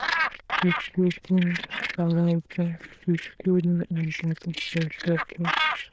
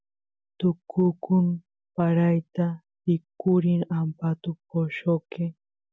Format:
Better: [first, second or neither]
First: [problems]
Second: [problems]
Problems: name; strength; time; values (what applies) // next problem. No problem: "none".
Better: second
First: noise reduction (neural diffusion model UNIVERSE++)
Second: none